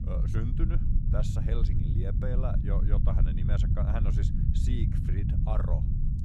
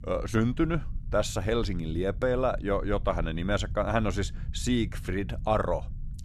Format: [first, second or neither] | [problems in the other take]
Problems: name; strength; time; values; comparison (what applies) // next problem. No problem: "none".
second | low rumble; loud; throughout; 1 dB below the speech; faint in the second